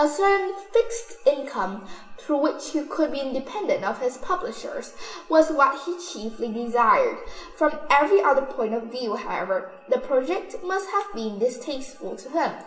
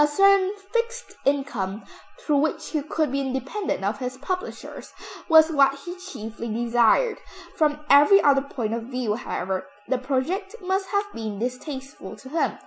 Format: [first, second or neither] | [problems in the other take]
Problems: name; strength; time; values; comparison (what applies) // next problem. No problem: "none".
second | room echo; dies away in 0.9 s